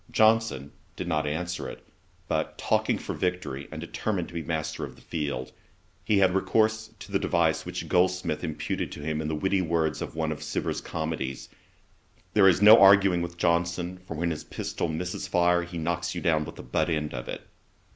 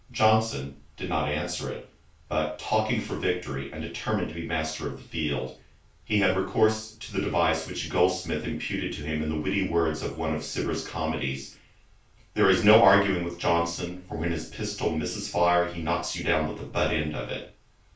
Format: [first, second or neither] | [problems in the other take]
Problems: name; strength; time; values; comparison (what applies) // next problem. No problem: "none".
first | room echo; dies away in 0.3 s